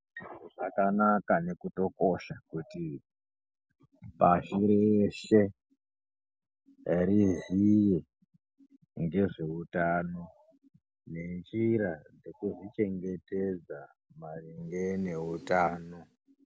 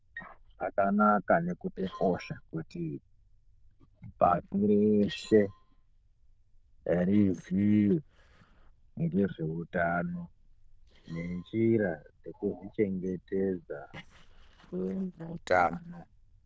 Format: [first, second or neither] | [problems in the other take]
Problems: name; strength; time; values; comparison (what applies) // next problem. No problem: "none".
first | noise reduction (neural diffusion model UNIVERSE++)